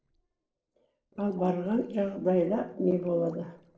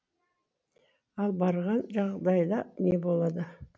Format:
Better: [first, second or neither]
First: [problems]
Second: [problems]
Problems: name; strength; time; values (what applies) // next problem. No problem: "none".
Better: second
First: noise reduction (neural separator model SepFormer DNS4)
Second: none